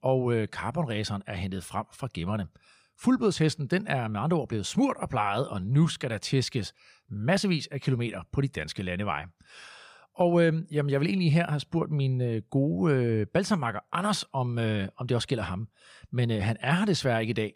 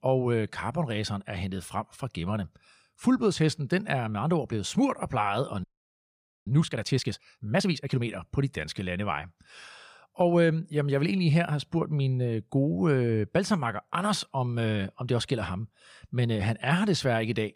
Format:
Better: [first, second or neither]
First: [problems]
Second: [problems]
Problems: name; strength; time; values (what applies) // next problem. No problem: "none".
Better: first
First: none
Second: audio freezing; at 5.5 s for 1 s